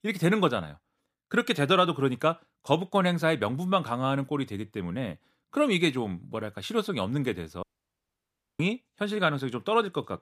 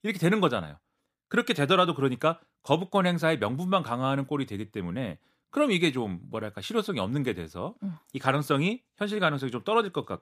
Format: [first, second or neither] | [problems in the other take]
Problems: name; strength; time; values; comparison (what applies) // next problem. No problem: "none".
second | audio cutting out; at 7.5 s for 1 s